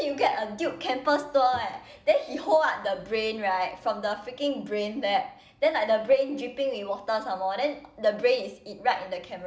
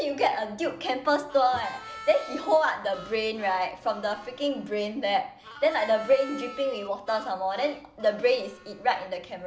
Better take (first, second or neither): first